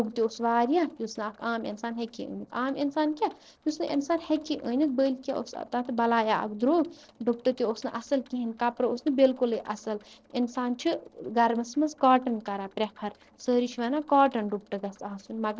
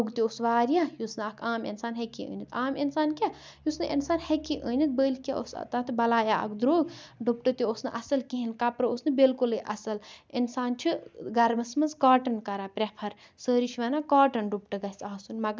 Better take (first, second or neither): second